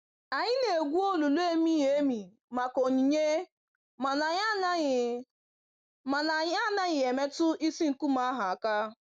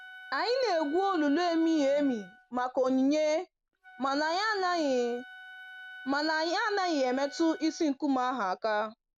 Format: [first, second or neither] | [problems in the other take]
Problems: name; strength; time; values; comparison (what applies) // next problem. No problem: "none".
first | background sound (Wind instrument, woodwind instrument); 19 dB below the speech